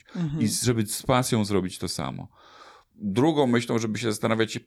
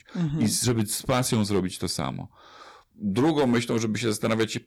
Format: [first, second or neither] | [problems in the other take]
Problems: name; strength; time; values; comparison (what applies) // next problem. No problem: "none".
first | distortion; slight; 4% of the sound clipped